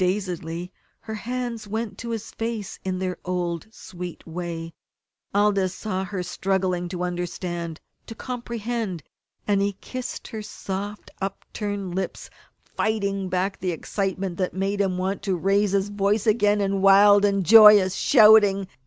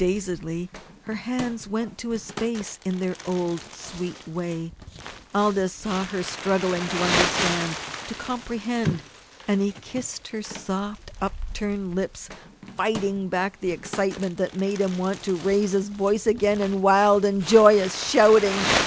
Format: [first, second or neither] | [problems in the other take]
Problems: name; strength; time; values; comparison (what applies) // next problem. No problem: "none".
first | background sound (Crumpling, crinkling); 9 dB below the speech